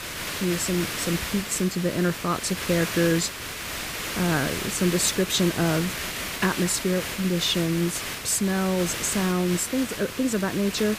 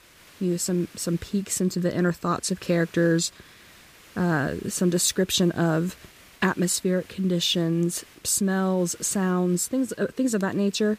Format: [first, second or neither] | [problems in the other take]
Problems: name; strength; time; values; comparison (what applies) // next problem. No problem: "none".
second | hiss; loud; throughout; 5 dB below the speech; faint in the second